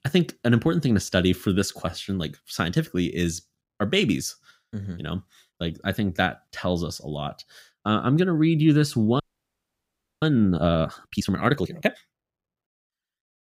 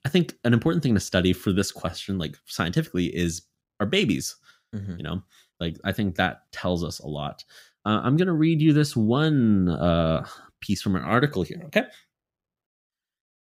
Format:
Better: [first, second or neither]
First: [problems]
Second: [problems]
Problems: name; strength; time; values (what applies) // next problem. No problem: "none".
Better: second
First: audio freezing; at 9 s for 1 s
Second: none